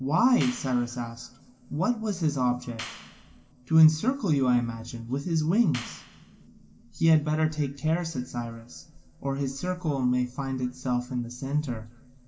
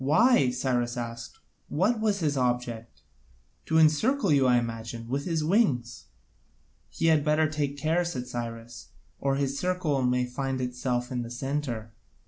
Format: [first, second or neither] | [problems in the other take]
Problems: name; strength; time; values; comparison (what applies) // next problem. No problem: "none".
second | background sound (Clapping); 15 dB below the speech // room echo; dies away in 2.7 s